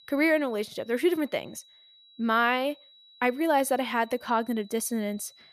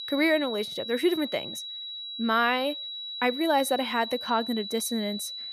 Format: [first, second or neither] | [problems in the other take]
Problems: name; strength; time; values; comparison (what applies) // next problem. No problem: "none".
first | high-pitched whine; loud; throughout; 4 kHz, 7 dB below the speech; faint in the first